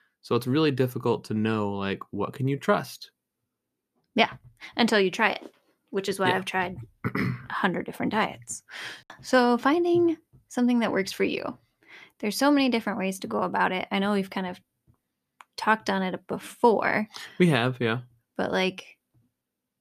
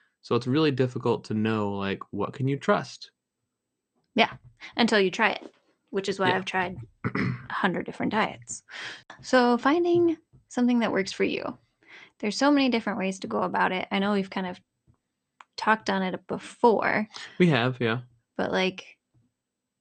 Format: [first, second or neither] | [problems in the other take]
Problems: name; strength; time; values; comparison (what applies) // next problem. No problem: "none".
first | garbled, watery; slightly; nothing above 8.5 kHz